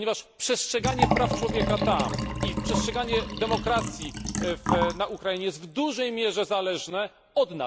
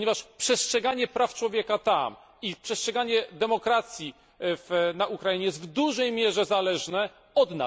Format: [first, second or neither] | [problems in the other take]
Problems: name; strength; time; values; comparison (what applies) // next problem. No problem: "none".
second | background sound (Liquid); 2 dB below the speech